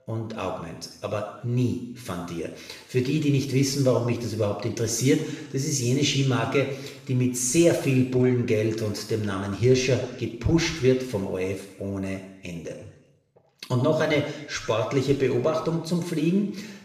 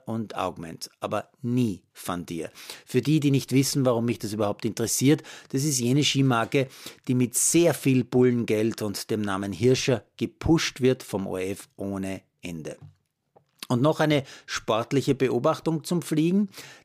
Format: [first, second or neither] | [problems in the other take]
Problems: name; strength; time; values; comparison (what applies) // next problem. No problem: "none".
second | room echo; noticeable; dies away in 0.9 s // off-mic speech; somewhat distant